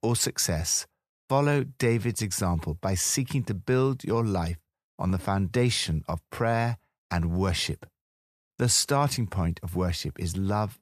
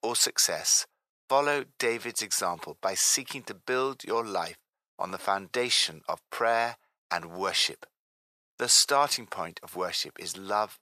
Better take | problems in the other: first | thin; very; fading below 600 Hz

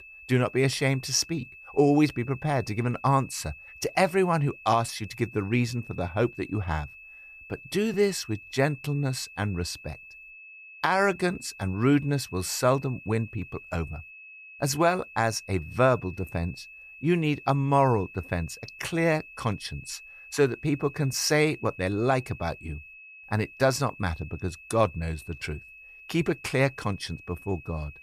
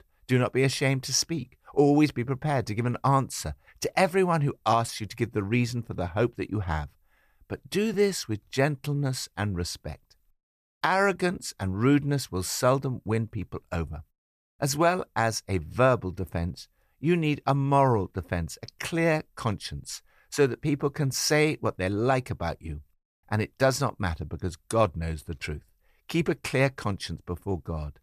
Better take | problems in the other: second | high-pitched whine; noticeable; throughout; 2.5 kHz, 20 dB below the speech

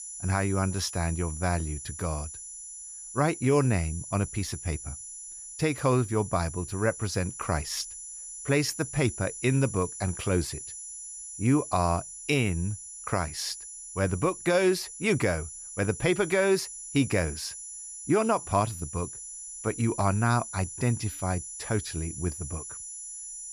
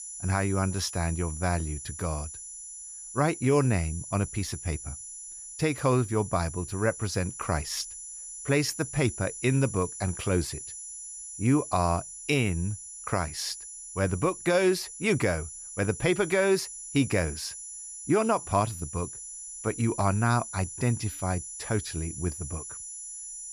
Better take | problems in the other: neither | high-pitched whine; loud; throughout; 10 kHz, 10 dB below the speech; the same in both

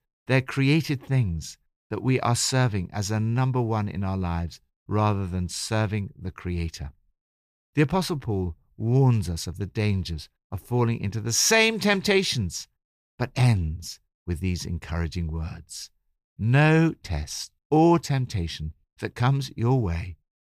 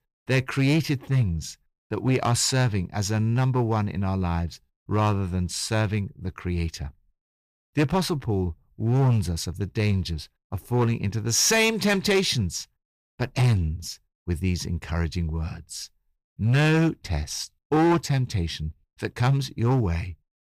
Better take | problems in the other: first | distortion; slight; 5% of the sound clipped

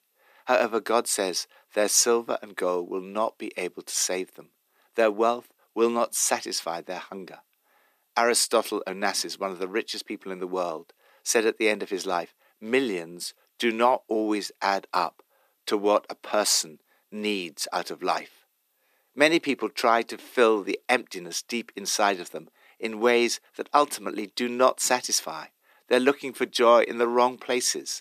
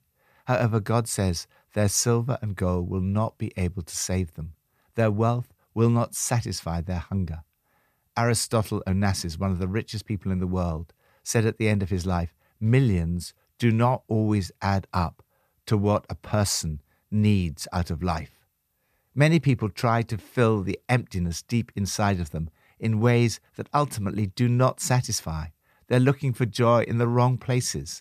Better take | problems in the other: second | thin; very; fading below 300 Hz

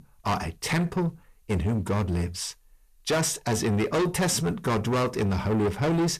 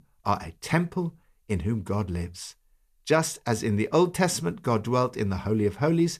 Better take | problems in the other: second | distortion; heavy; 6 dB below the speech

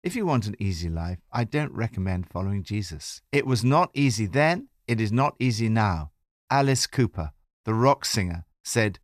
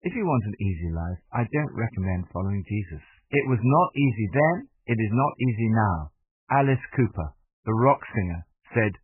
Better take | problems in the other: first | garbled, watery; badly; nothing above 3 kHz

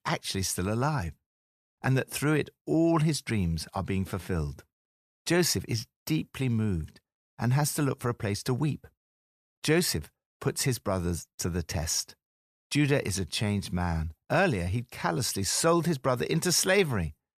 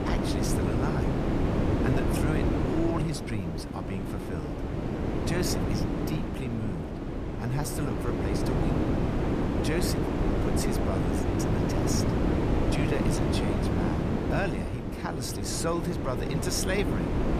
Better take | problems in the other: first | wind noise on the microphone; heavy; 3 dB above the speech

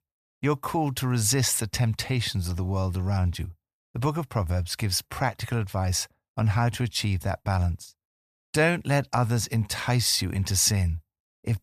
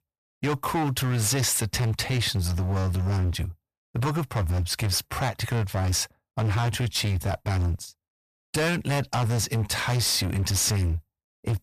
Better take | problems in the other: first | distortion; heavy; 25% of the sound clipped

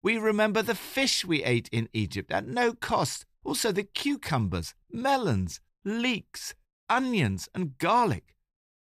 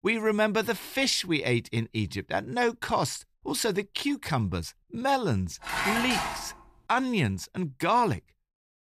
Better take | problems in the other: first | clattering dishes; loud; at 5.5 s; peak 1 dB above the speech

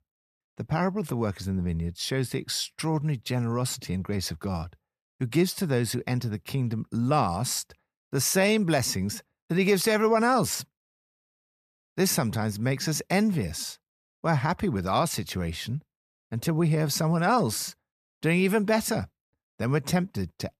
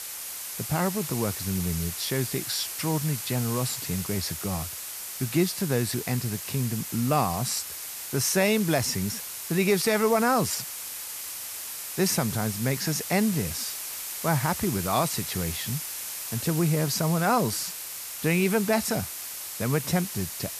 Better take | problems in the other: first | hiss; loud; throughout; 6 dB below the speech

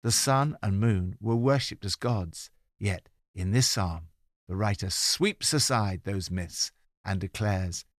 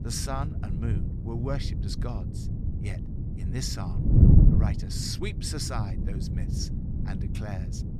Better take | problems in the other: first | wind noise on the microphone; heavy; 2 dB below the speech

